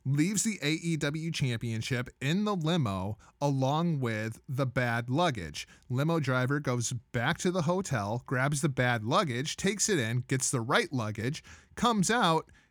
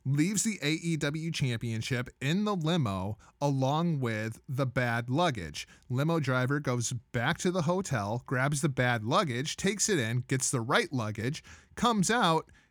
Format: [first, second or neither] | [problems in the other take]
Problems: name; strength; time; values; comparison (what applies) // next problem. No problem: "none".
neither | none